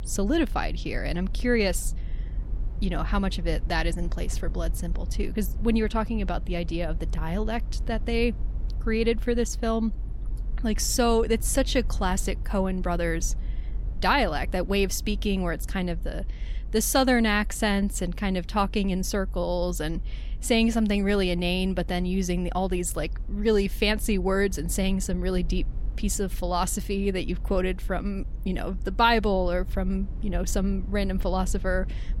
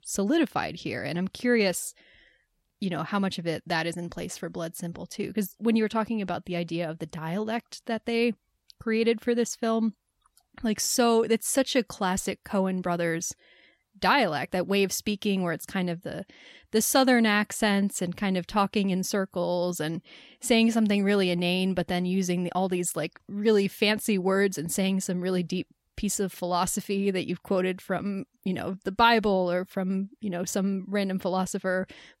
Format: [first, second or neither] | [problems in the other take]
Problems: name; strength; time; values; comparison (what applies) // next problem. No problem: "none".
second | low rumble; faint; throughout; 25 dB below the speech